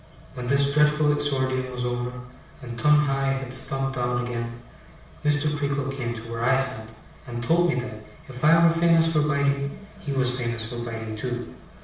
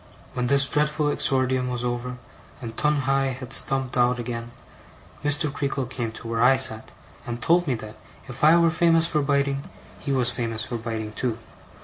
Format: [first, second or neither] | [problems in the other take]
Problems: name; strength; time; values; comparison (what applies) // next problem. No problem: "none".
second | room echo; dies away in 0.7 s